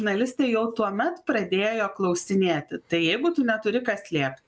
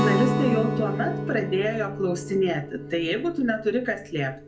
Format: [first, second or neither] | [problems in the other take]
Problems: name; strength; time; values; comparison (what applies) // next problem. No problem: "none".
first | background sound (Guitar); 3 dB below the speech // room echo; dies away in 0.3 s